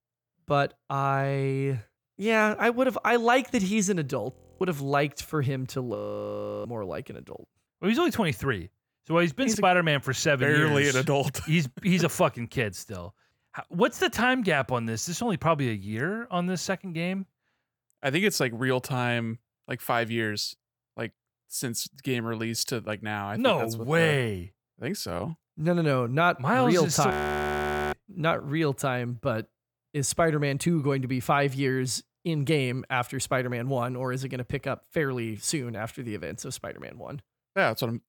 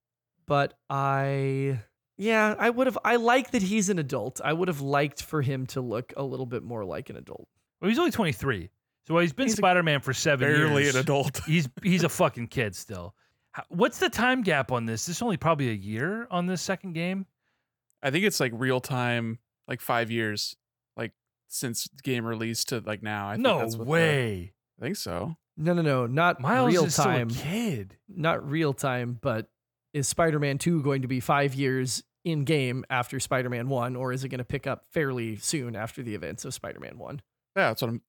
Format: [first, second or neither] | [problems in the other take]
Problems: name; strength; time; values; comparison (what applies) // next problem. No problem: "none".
second | audio freezing; at 4.5 s, at 6 s for 0.5 s and at 27 s for 1 s